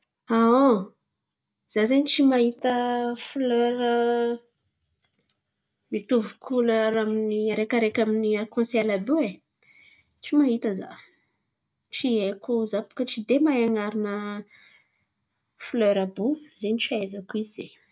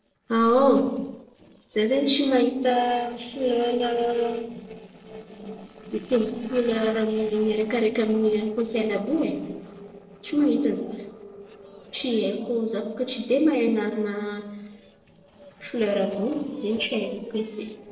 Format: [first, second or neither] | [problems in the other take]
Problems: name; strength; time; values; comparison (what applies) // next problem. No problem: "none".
first | noise reduction (neural separator model SepFormer DNS4)